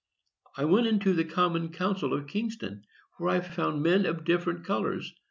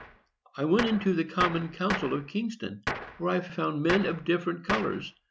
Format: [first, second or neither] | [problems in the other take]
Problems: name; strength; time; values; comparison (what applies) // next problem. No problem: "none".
first | background sound (Gunshot, gunfire); 8 dB below the speech